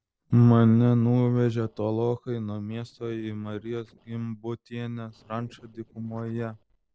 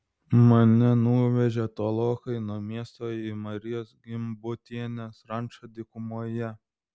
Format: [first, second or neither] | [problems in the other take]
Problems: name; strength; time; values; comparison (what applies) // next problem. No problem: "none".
second | noise reduction (neural separator model SepFormer DNS4)